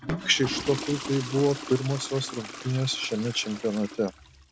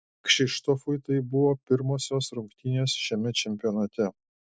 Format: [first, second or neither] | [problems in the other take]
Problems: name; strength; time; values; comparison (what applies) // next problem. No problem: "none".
second | background sound (Toilet flush / Water); 10 dB below the speech